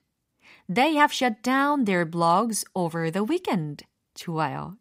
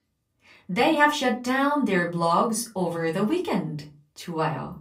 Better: first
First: none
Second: off-mic speech; far // room echo; very slight; dies away in 0.3 s

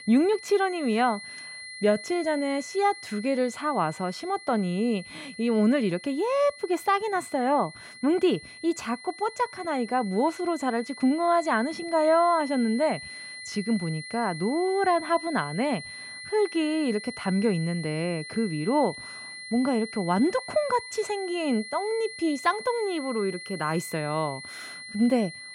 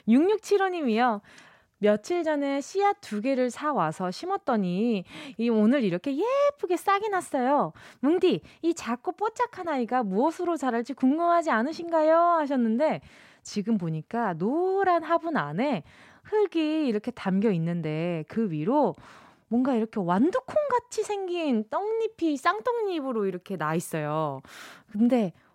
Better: second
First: high-pitched whine; noticeable; throughout; 2 kHz, 15 dB below the speech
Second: none

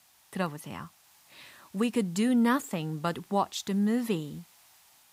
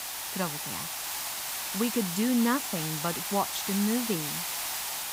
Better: first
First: hiss; faint; throughout; 30 dB below the speech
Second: hiss; loud; throughout; 2 dB below the speech

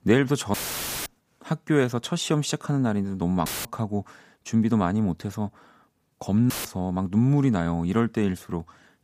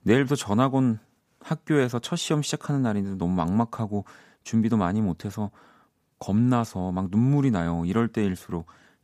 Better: second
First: audio cutting out; filled with static; at 0.5 s for 0.5 s, at 3.5 s and at 6.5 s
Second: none

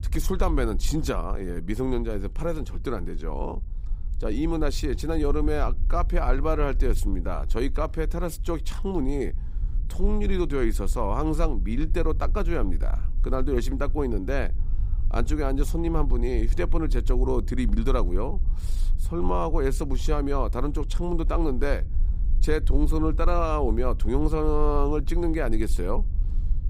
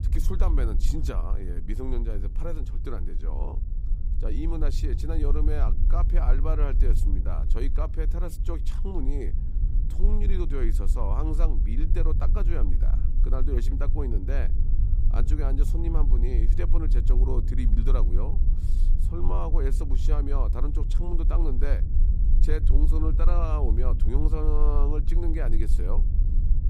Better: first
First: low rumble; faint; throughout; 20 dB below the speech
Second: low rumble; loud; throughout; 9 dB below the speech

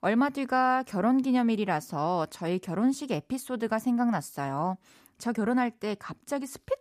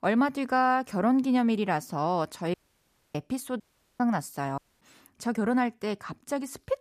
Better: first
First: none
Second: audio cutting out; at 2.5 s for 0.5 s, at 3.5 s and at 4.5 s

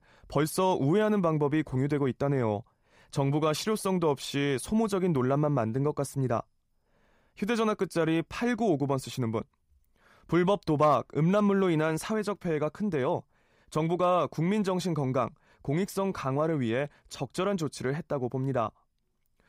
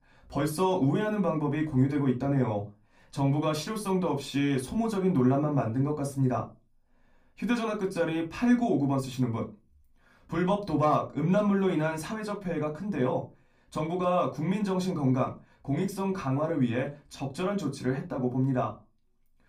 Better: first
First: none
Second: off-mic speech; somewhat distant // room echo; very slight; dies away in 0.2 s

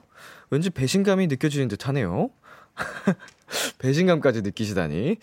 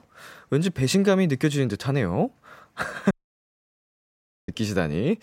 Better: first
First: none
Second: audio cutting out; at 3 s for 1.5 s

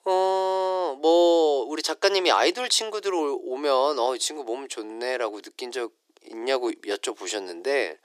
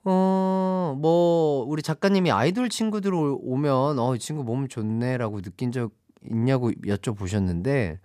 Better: second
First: thin; very; fading below 350 Hz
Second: none

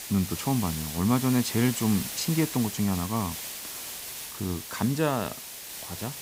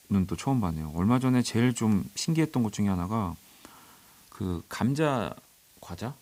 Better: second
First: hiss; loud; throughout; 7 dB below the speech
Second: hiss; faint; throughout; 25 dB below the speech

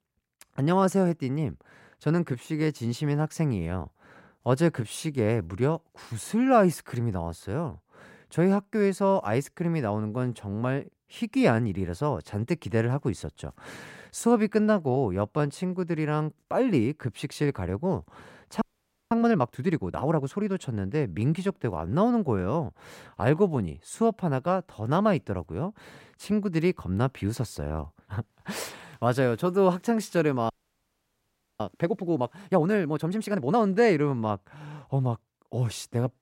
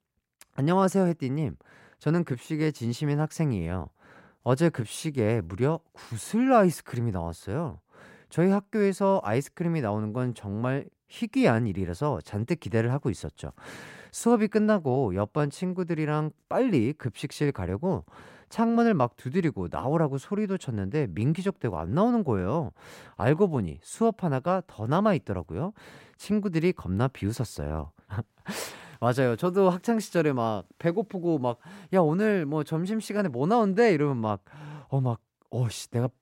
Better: second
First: audio freezing; at 19 s and at 31 s for 1 s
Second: none

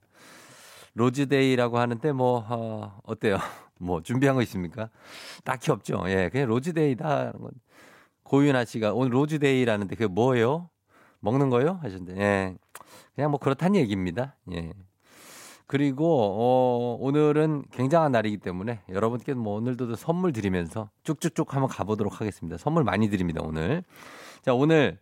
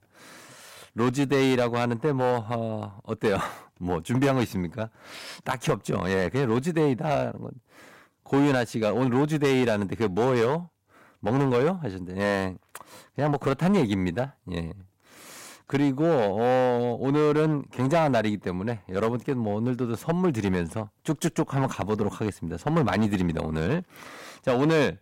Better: first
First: none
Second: distortion; slight; 6% of the sound clipped

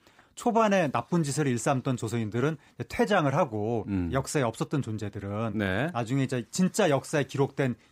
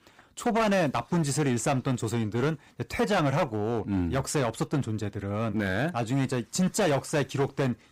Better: first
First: none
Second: distortion; slight; 10% of the sound clipped

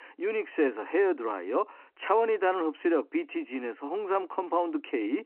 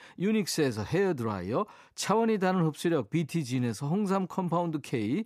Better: second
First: phone-call audio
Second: none

